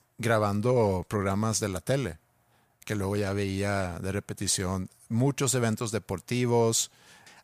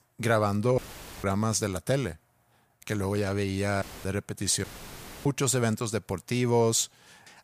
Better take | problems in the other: first | audio cutting out; filled with static; at 1 s, at 4 s and at 4.5 s for 0.5 s

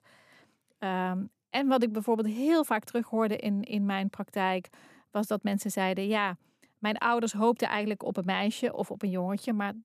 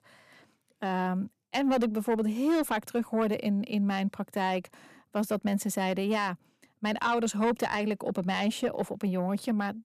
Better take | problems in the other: first | distortion; slight; 10 dB below the speech

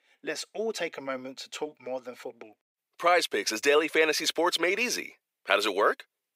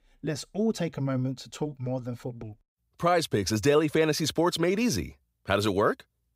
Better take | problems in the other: second | thin; very; fading below 400 Hz

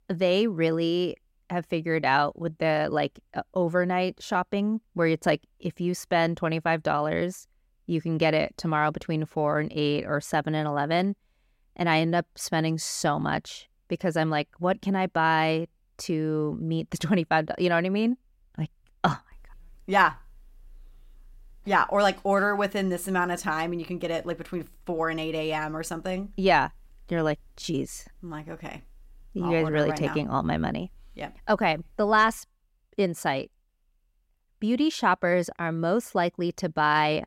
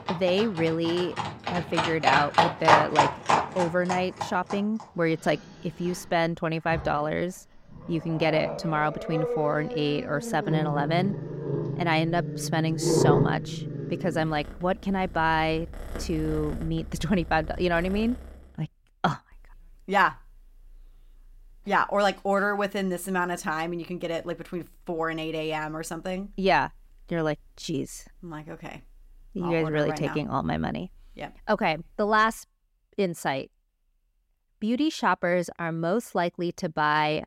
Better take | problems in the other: first | animal sounds; loud; until 18 s; 2 dB below the speech

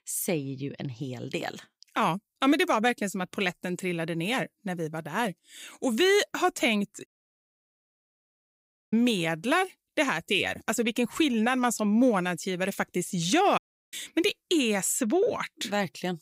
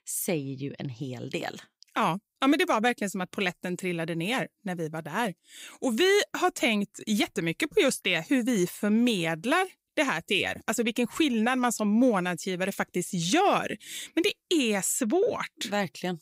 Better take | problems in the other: second | audio cutting out; at 7 s for 2 s and at 14 s

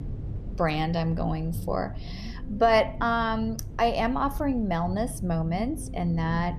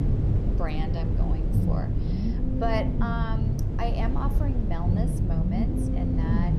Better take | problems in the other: first | low rumble; loud; throughout; 2 dB below the speech; faint in the first

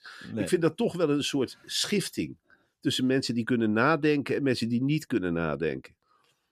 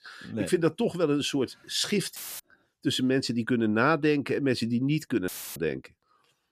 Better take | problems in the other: first | audio cutting out; filled with static; at 2 s and at 5.5 s

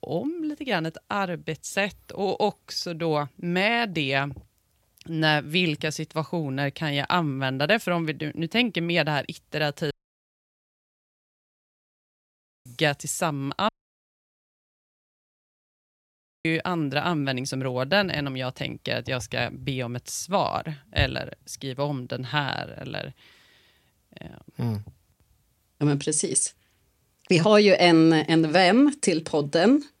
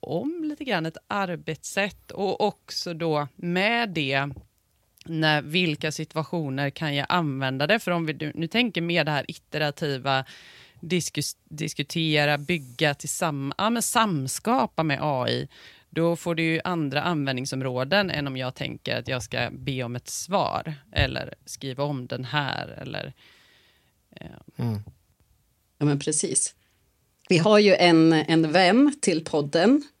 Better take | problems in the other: second | audio cutting out; at 10 s for 2.5 s and at 14 s for 3 s

